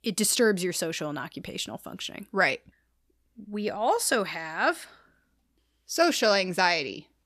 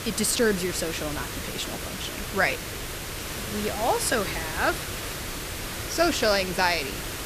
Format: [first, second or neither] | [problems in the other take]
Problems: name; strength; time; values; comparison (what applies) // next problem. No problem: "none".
first | hiss; loud; throughout; 6 dB below the speech